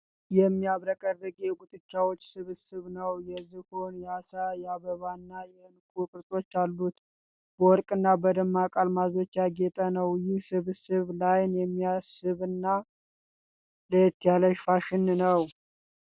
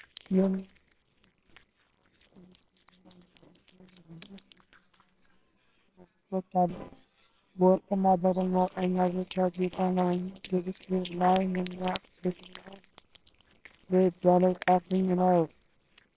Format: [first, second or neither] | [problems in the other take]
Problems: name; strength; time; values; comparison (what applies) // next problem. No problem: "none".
first | noise reduction (neural separator model SepFormer WHAMR!)